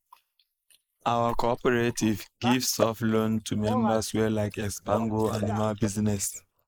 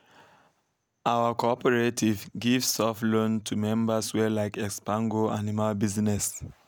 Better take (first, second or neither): second